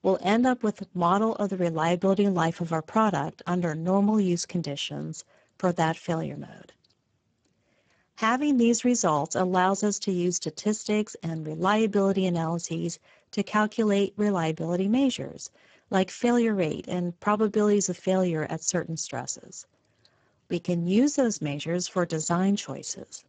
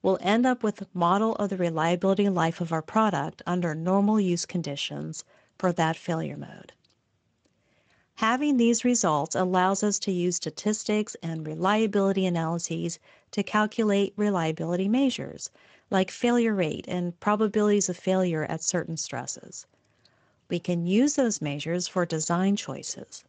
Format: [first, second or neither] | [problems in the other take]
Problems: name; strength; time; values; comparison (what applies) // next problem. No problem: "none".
second | garbled, watery; badly; nothing above 7.5 kHz; slightly in the second